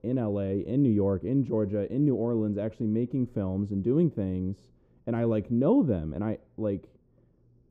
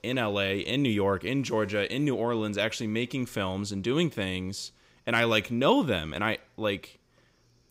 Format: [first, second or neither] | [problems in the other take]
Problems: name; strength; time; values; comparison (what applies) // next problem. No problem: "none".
second | muffled; very; fading above 1 kHz